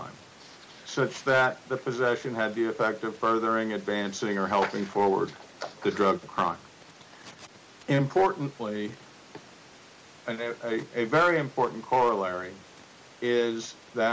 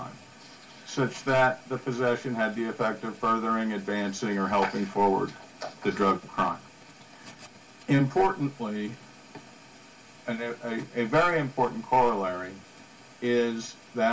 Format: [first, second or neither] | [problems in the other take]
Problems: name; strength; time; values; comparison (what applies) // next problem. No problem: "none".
first | room echo; dies away in 0.2 s